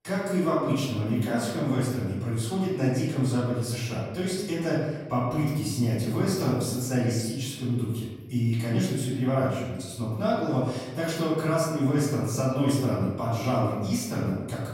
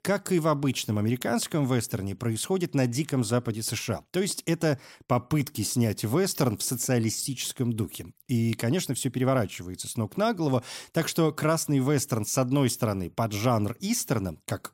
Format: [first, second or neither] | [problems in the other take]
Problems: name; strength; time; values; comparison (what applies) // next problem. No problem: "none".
second | off-mic speech; far // room echo; noticeable; dies away in 1.1 s